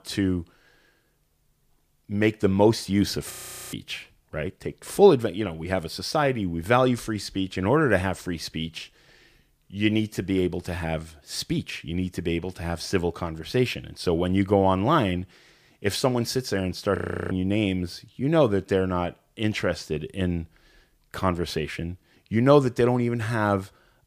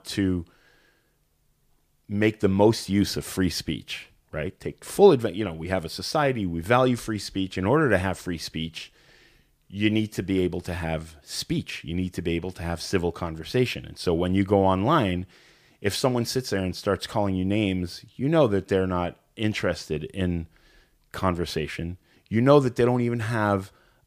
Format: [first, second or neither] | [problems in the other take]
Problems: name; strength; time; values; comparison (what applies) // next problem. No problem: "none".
second | audio freezing; at 3.5 s and at 17 s